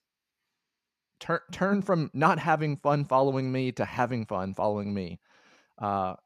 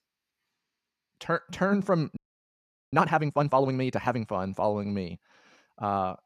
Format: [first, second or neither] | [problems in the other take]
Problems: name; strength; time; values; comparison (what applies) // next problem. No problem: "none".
first | audio freezing; at 2 s for 1 s